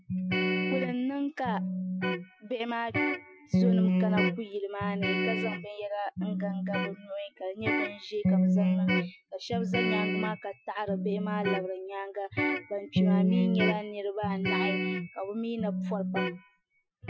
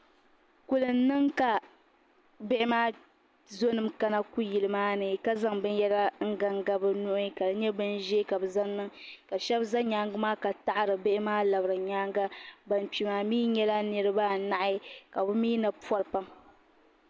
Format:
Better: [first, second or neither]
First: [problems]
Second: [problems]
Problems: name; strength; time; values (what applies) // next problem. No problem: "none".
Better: second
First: noise reduction (classical method Wiener filter)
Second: none